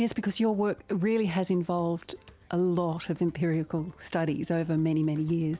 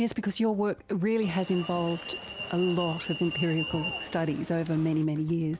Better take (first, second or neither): first